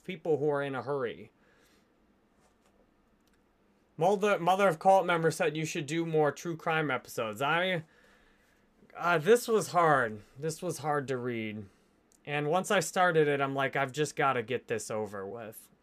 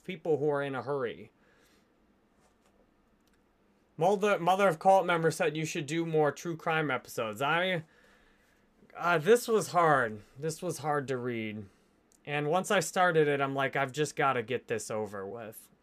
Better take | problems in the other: neither | none

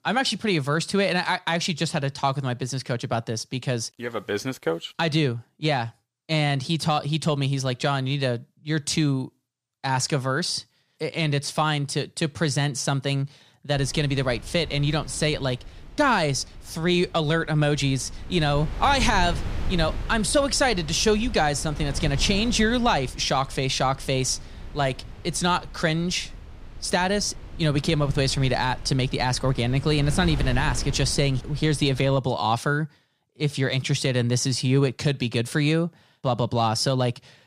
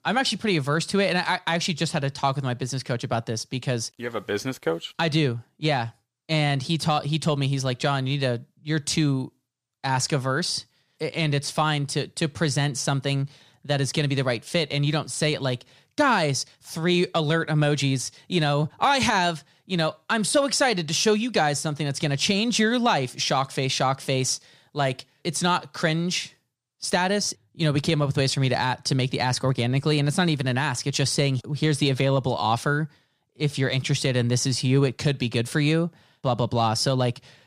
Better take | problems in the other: second | wind noise on the microphone; occasional gusts; from 14 to 32 s; 20 dB below the speech

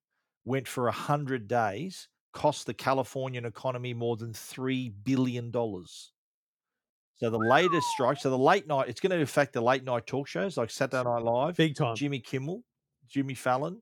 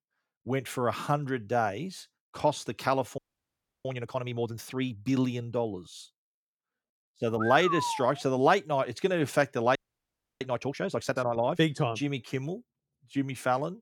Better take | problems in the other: first | audio freezing; at 3 s for 0.5 s and at 10 s for 0.5 s

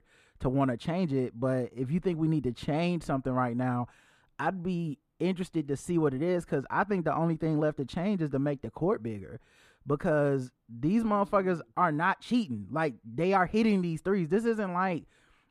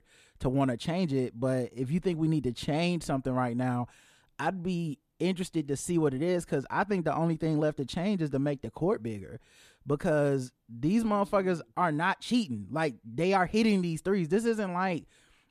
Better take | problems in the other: second | muffled; very slightly; fading above 3 kHz

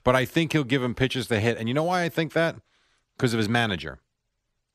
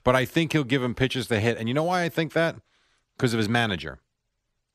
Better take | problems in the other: neither | none

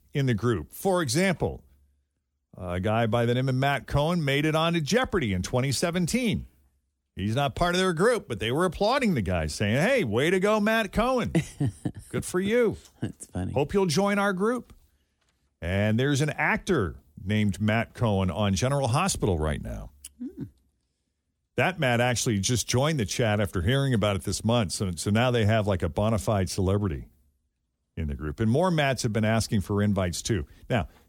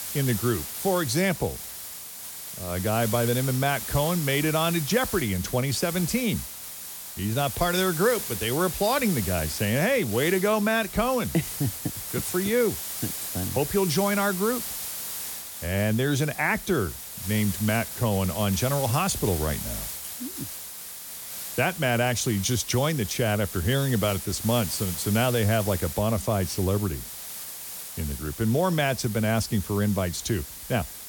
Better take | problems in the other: first | hiss; loud; throughout; 7 dB below the speech

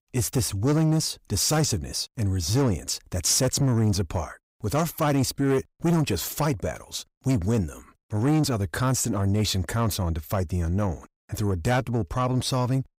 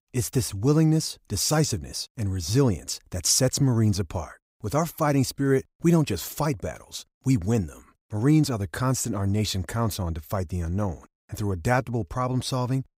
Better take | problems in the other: second | distortion; slight; 10 dB below the speech

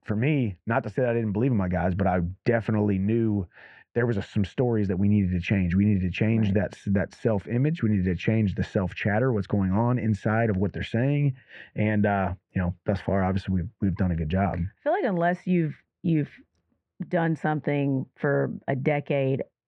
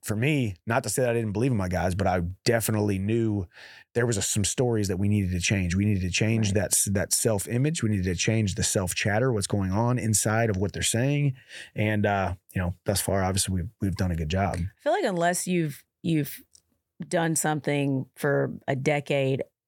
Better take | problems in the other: second | muffled; very; fading above 2.5 kHz

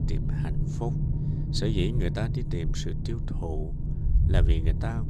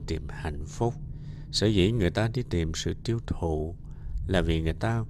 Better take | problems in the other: second | low rumble; loud; throughout; 4 dB below the speech; faint in the second

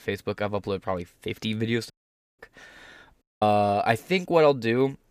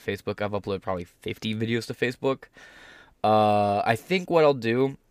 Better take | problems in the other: second | audio cutting out; at 2 s and at 3 s

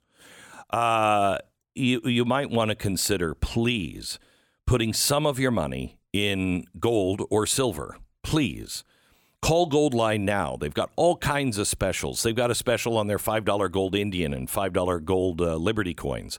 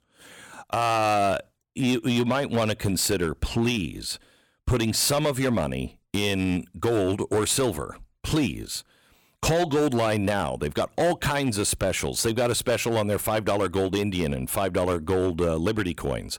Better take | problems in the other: first | distortion; slight; 9% of the sound clipped

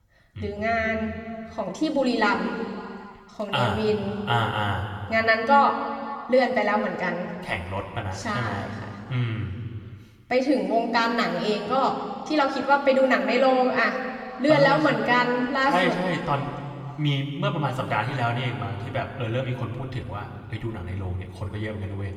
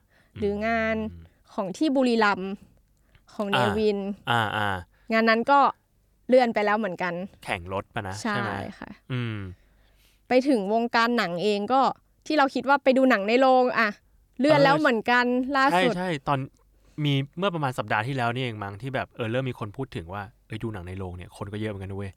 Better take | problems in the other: second | room echo; noticeable; dies away in 2.2 s // off-mic speech; somewhat distant

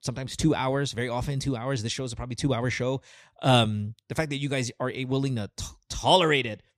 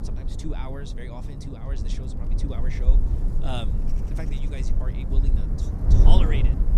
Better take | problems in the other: first | wind noise on the microphone; heavy; 2 dB below the speech

